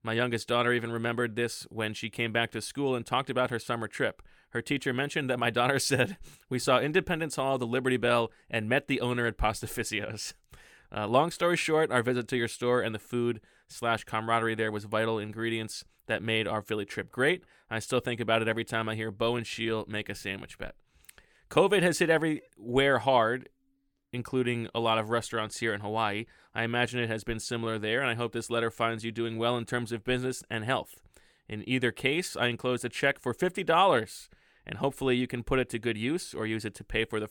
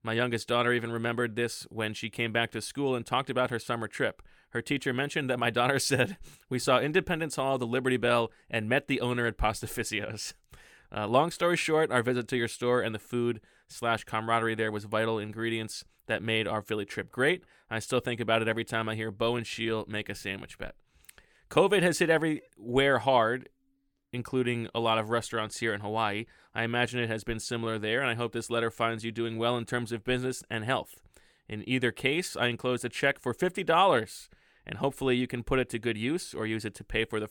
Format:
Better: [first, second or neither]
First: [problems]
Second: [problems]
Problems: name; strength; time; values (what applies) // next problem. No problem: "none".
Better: neither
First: none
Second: none